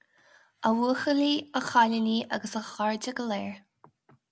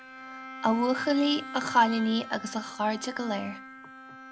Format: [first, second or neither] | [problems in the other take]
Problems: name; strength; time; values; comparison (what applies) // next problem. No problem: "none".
first | background sound (Bowed string instrument); 13 dB below the speech